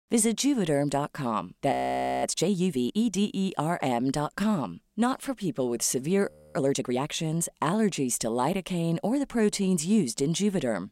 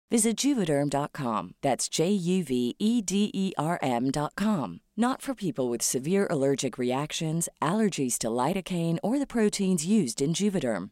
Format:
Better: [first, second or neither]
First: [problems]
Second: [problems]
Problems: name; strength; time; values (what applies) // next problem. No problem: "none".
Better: second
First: audio freezing; at 1.5 s for 0.5 s and at 6.5 s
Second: none